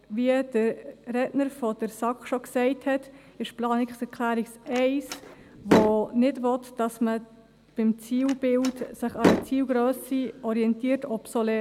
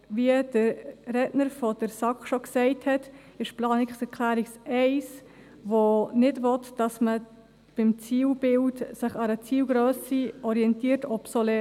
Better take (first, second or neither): second